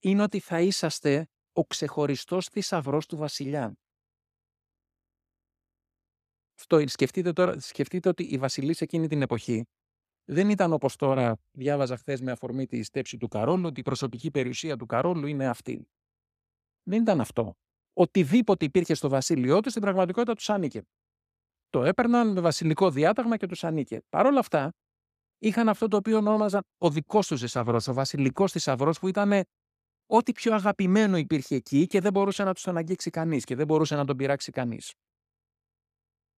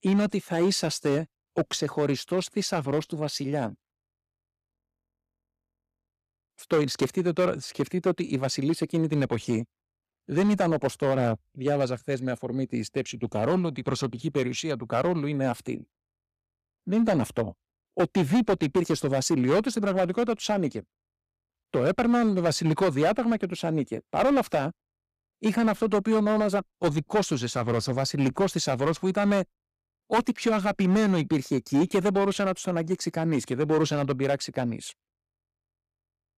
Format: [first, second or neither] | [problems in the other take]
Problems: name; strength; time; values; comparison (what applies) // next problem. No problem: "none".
first | distortion; slight; 5% of the sound clipped